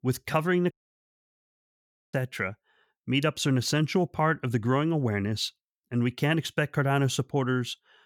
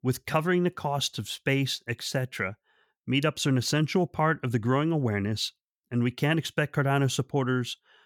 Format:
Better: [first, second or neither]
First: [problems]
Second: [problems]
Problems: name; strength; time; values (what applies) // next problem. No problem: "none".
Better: second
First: audio cutting out; at 0.5 s for 1.5 s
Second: none